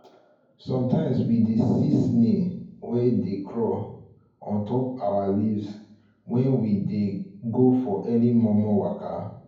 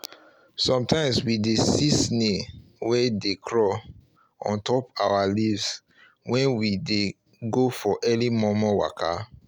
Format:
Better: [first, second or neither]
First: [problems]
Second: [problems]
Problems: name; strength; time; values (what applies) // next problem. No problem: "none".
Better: second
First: room echo; dies away in 0.9 s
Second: none